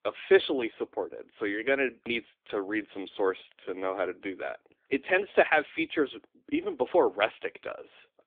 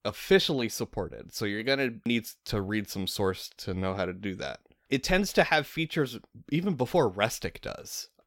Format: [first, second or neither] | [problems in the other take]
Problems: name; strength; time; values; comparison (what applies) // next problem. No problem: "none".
second | phone-call audio